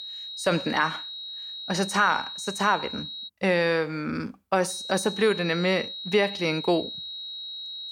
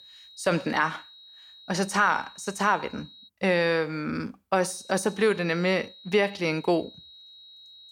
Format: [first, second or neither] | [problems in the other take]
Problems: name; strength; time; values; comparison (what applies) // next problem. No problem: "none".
second | high-pitched whine; loud; until 3.5 s and from 4.5 s on; 4 kHz, 9 dB below the speech; faint in the second